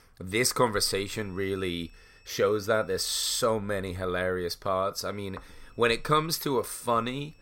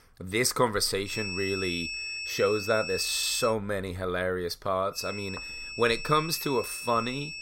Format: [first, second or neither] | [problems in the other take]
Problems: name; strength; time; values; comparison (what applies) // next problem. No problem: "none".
first | high-pitched whine; loud; from 1 to 3.5 s and from 5 s on; 2.5 kHz, 6 dB below the speech; faint in the first